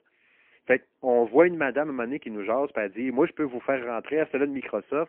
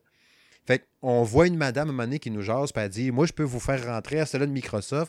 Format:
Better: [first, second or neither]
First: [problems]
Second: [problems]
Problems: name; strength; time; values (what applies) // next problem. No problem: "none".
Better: second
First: phone-call audio; poor line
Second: none